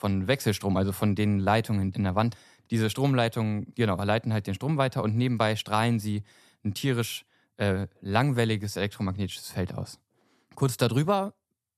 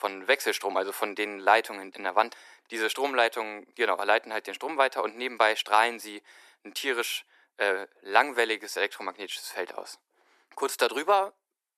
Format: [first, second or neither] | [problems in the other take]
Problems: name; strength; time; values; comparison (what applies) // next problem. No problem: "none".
first | thin; very; fading below 350 Hz